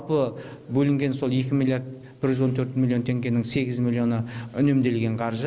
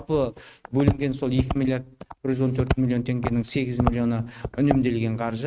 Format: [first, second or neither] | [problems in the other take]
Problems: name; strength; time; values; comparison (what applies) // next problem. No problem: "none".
first | noise reduction (neural mask model RNNoise)